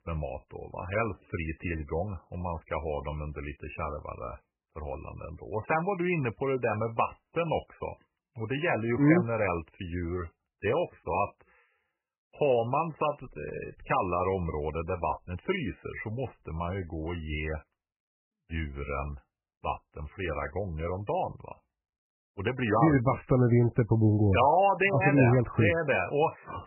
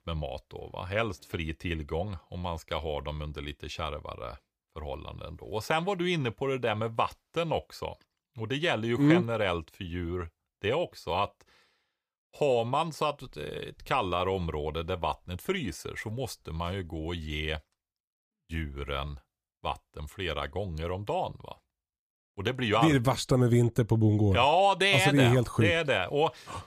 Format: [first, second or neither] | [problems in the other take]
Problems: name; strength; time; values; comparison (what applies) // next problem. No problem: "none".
second | garbled, watery; badly; nothing above 3 kHz